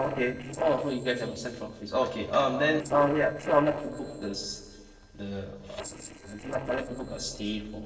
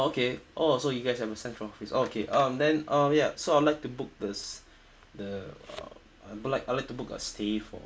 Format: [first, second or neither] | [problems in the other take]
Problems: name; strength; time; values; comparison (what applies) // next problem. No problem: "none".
second | noise reduction (neural separator model SepFormer DNS4)